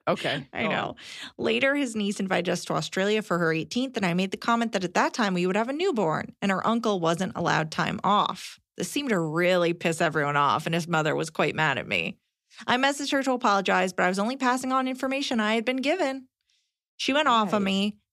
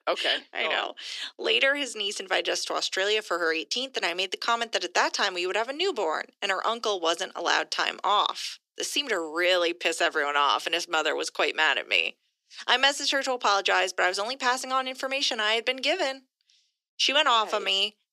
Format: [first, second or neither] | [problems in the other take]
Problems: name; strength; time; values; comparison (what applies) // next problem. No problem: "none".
first | thin; very; fading below 350 Hz